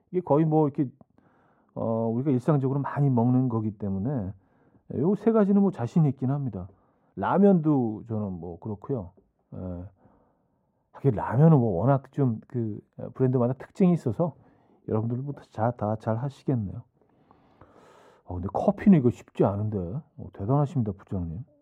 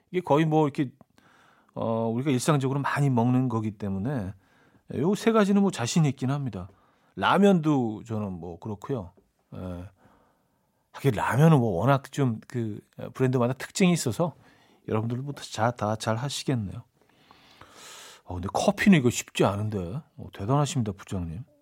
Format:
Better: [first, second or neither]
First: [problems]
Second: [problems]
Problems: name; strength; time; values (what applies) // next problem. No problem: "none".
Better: second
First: muffled; very; fading above 1.5 kHz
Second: none